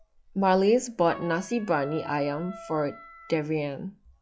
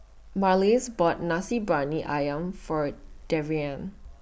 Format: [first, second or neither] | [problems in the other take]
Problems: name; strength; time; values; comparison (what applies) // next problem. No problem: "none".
second | noise reduction (classical method log-MMSE)